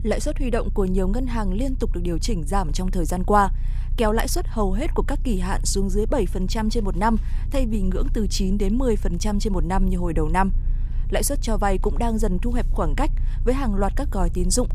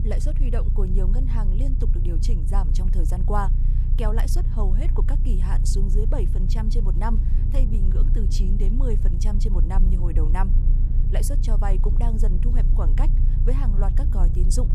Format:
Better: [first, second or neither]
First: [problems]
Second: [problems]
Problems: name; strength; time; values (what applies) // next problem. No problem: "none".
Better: first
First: low rumble; faint; throughout; 25 dB below the speech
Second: low rumble; loud; throughout; 6 dB below the speech